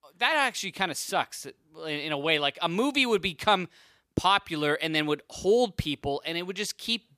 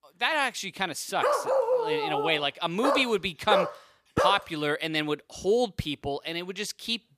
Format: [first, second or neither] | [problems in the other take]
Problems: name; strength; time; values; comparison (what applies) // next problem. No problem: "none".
first | dog barking; loud; from 1 to 4.5 s; peak 3 dB above the speech